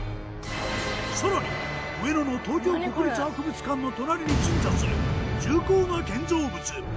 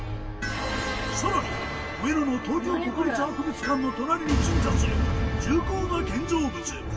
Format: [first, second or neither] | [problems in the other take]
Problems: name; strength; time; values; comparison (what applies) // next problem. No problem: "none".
first | background sound (Tools); 19 dB below the speech // room echo; dies away in 2.4 s